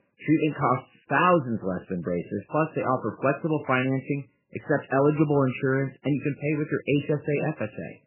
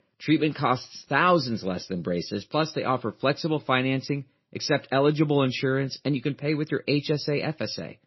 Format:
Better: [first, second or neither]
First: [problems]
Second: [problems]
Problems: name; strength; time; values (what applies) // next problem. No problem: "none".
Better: second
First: garbled, watery; badly; nothing above 3 kHz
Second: garbled, watery; slightly; nothing above 5.5 kHz